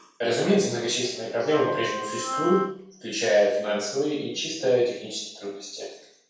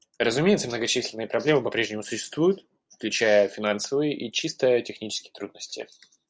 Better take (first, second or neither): second